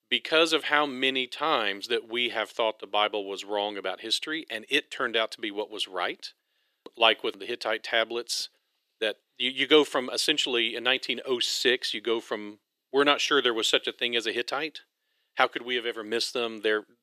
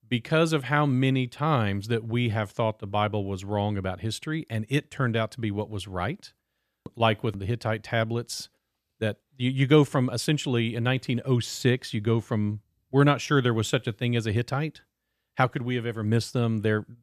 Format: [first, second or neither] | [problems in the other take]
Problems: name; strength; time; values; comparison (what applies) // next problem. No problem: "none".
second | thin; very; fading below 350 Hz